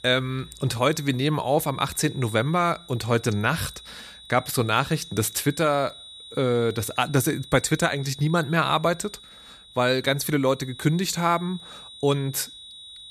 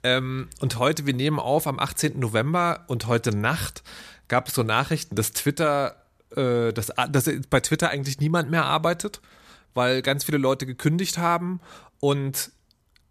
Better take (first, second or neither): second